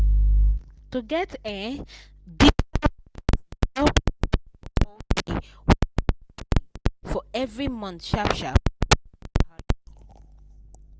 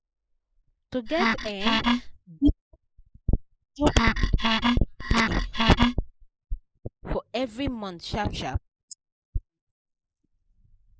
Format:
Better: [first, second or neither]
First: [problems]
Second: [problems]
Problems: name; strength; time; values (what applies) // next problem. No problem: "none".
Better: first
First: none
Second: noise reduction (neural mask model Resemble Enhance denoiser)